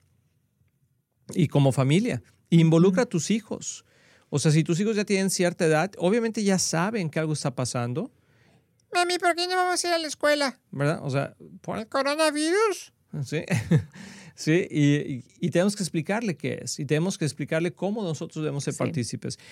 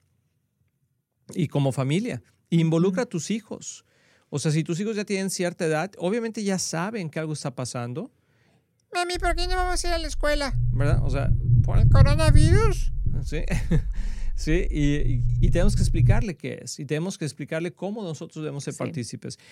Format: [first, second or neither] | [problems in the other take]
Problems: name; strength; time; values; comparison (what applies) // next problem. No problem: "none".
first | low rumble; loud; from 9 to 16 s; 7 dB below the speech